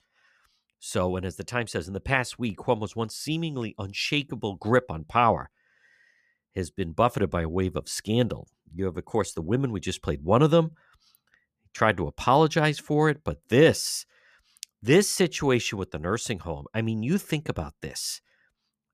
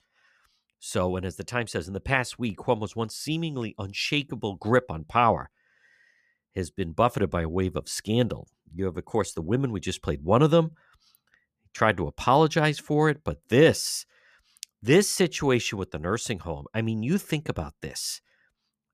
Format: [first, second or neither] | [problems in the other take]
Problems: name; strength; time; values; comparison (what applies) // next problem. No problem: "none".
neither | none